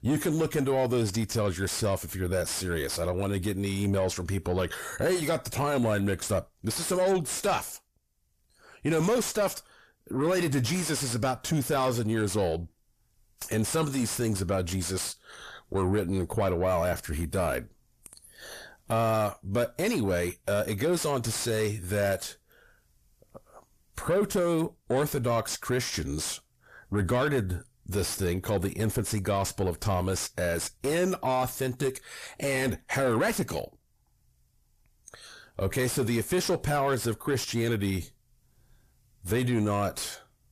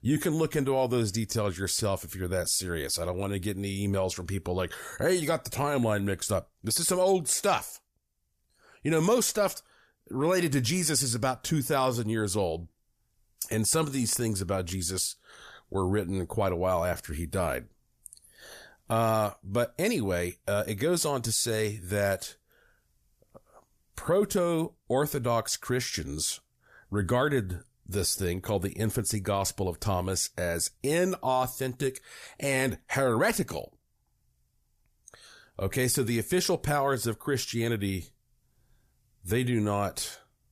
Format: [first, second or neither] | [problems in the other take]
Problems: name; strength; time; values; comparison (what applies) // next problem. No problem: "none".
second | distortion; slight; 10 dB below the speech